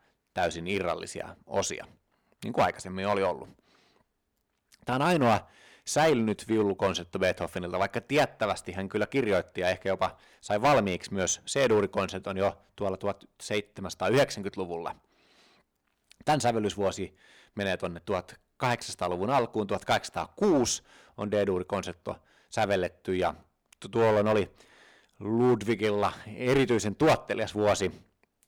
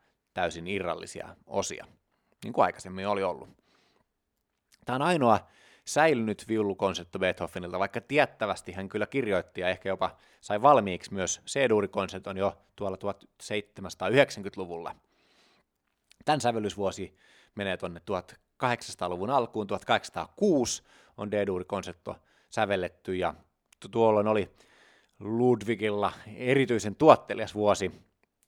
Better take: second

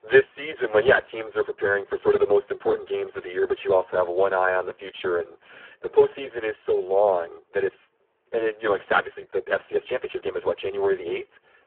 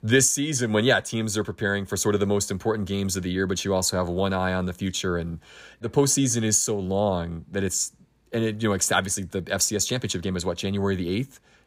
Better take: second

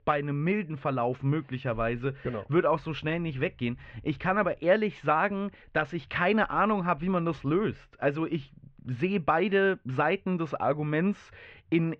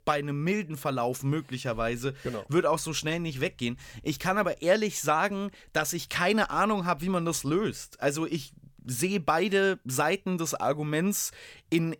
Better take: second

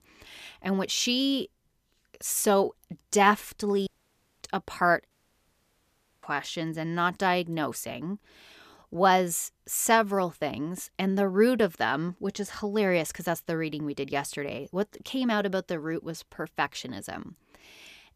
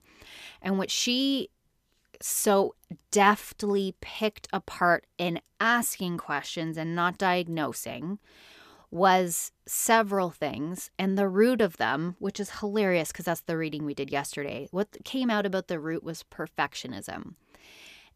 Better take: second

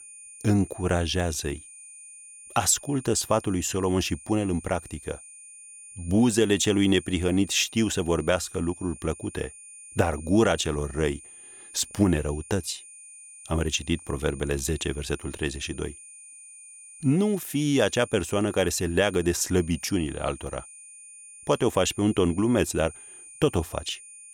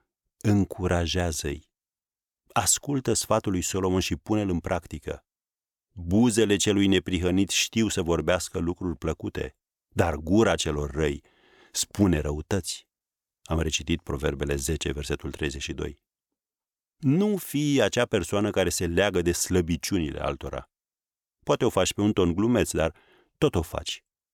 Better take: second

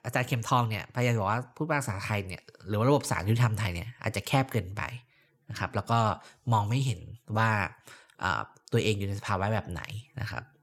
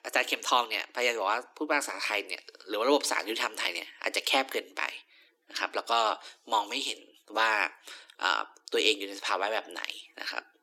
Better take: first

